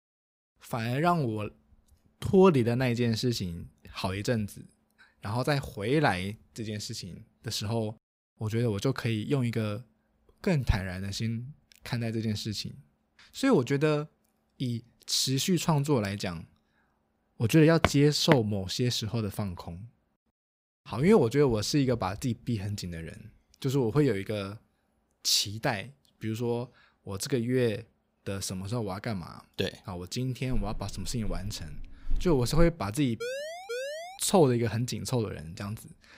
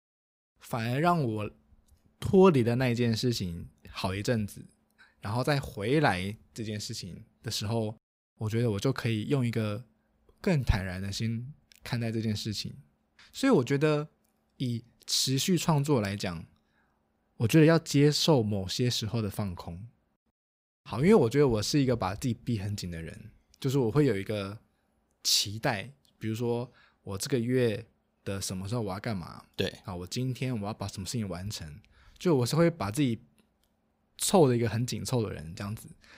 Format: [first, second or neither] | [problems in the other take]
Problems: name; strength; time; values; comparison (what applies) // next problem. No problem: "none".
second | footsteps; noticeable; at 18 s and from 31 to 33 s; peak 2 dB below the speech // siren; noticeable; at 33 s; peak 7 dB below the speech